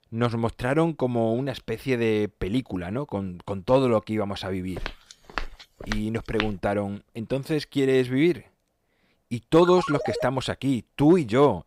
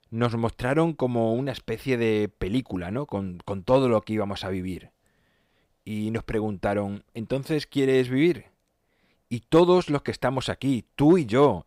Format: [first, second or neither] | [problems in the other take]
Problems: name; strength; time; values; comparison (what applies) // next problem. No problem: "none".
second | footsteps; noticeable; from 5 to 6.5 s; peak 8 dB below the speech // phone ringing; noticeable; at 9.5 s; peak 6 dB below the speech